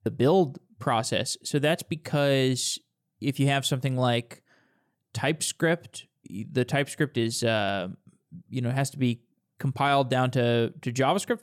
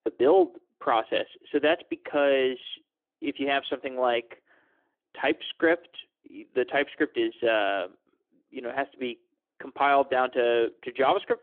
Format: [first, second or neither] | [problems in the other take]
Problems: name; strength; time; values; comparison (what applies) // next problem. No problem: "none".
first | phone-call audio; nothing above 3.5 kHz